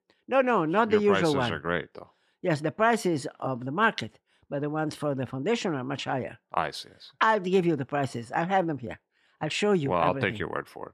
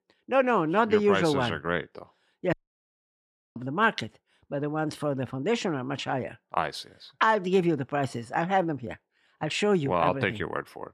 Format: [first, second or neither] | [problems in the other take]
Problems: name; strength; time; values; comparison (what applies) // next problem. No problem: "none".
first | audio cutting out; at 2.5 s for 1 s